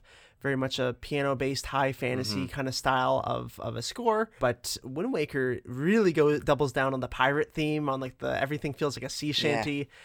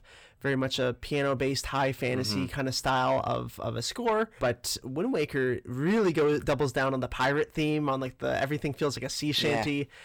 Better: first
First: none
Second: distortion; slight; 10 dB below the speech

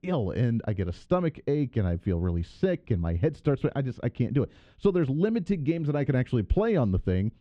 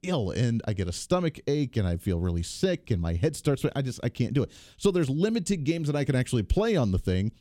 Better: second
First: muffled; very; fading above 2 kHz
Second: none

